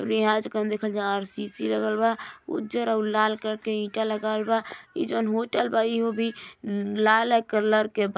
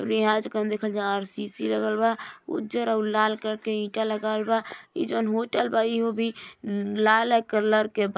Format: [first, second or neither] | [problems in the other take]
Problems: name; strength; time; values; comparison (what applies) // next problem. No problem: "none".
first | noise reduction (neural mask model Resemble Enhance denoiser)